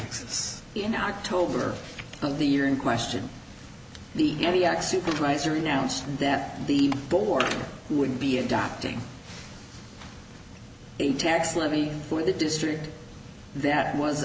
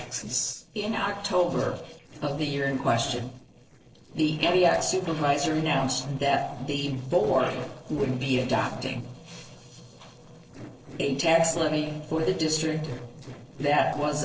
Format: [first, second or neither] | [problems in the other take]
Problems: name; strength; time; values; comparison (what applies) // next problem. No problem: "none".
first | noise reduction (neural separator model SepFormer DNS4)